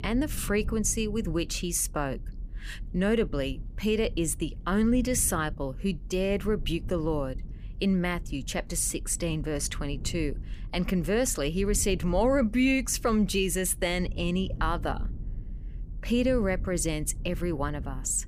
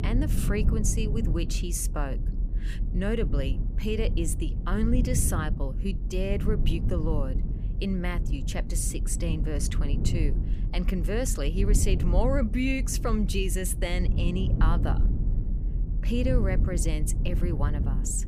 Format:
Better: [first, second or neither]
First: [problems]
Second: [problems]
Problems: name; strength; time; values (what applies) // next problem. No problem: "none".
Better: first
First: low rumble; faint; throughout; 25 dB below the speech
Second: low rumble; loud; throughout; 9 dB below the speech